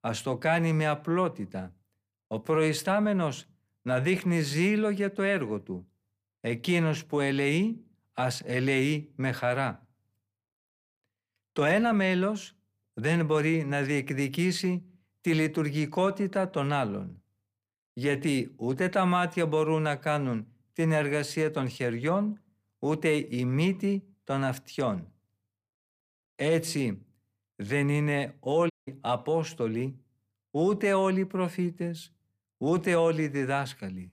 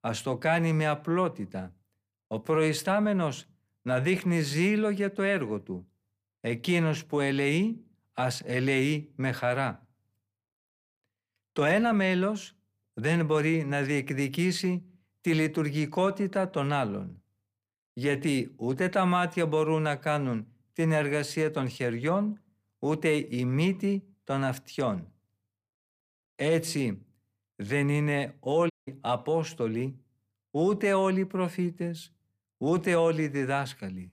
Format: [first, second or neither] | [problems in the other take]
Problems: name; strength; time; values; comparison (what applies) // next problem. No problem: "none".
neither | audio cutting out; at 29 s; the same in both